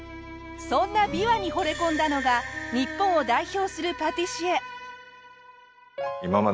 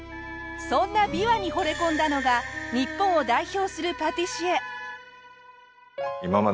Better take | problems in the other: first | background sound (Wind instrument, woodwind instrument); 15 dB below the speech

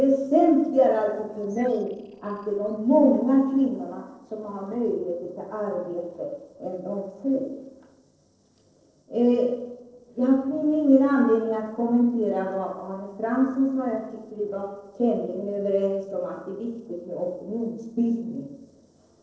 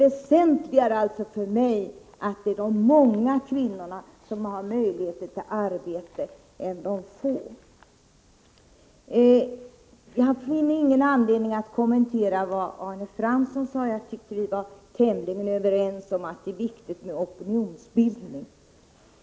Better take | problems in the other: second | noise reduction (neural separator model SepFormer DNS4)

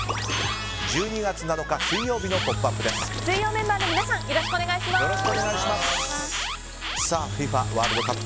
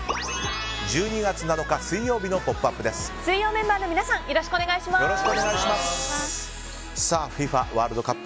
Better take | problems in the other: second | background sound (Engine / Drill + Alarm); 3 dB below the speech

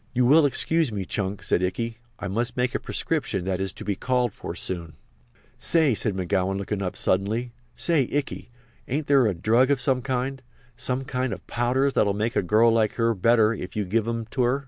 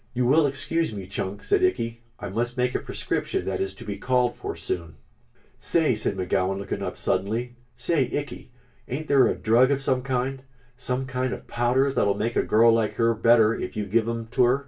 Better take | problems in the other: first | room echo; dies away in 0.2 s

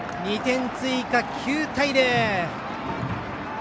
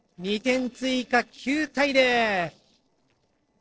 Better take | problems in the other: first | noise reduction (neural separator model SepFormer DNS4)

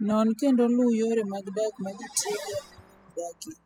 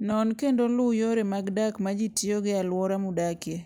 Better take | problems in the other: second | noise reduction (classical method spectral subtraction)

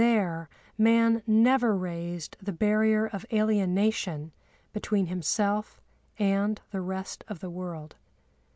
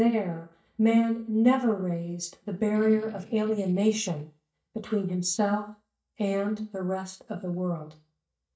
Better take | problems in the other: first | noise reduction (neural mask model DeepFilterNet 3)

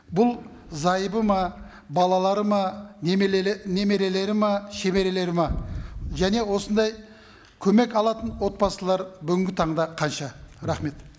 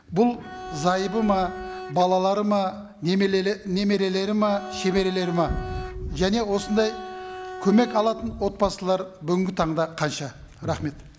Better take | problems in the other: first | background sound (Bowed string instrument); 12 dB below the speech

